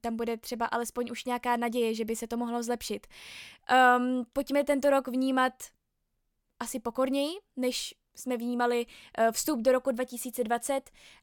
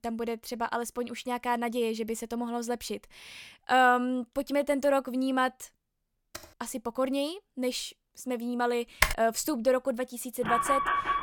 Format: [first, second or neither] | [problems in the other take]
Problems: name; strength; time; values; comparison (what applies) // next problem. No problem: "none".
first | keyboard typing; faint; at 6.5 s; peak 15 dB below the speech // keyboard typing; loud; at 9 s; peak 3 dB above the speech // alarm; loud; at 10 s; peak 3 dB above the speech